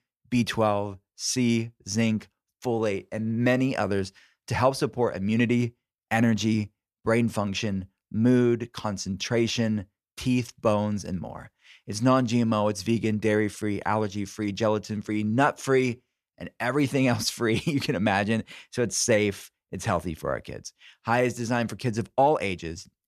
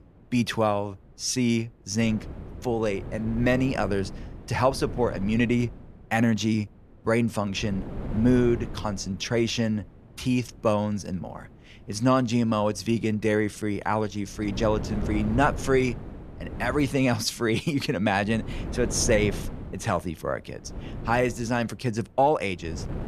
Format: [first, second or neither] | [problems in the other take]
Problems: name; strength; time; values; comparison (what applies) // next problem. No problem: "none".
first | wind noise on the microphone; occasional gusts; 15 dB below the speech